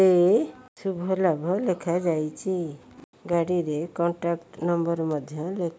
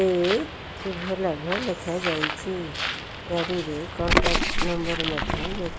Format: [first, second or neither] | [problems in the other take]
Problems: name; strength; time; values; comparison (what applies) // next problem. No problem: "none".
first | background sound (Bird); as loud as the speech